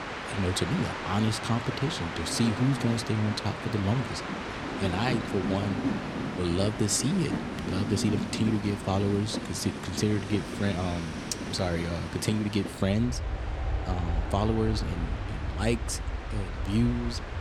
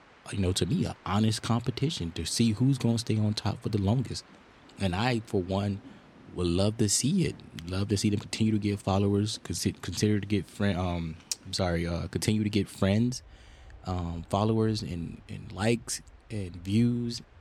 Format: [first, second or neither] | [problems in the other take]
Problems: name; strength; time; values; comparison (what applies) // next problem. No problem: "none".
second | train or aircraft noise; loud; throughout; 4 dB below the speech; faint in the second